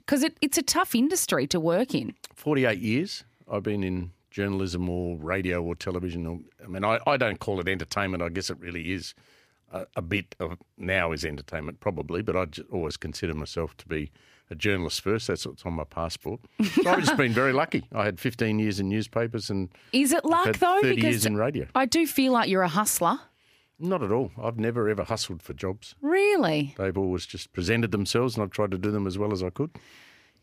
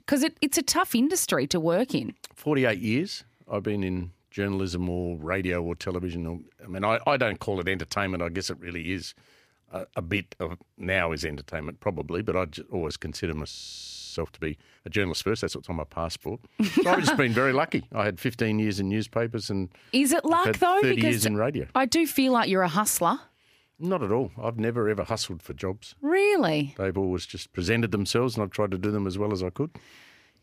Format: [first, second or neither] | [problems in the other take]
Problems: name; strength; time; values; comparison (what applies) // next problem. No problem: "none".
first | audio freezing; at 14 s for 0.5 s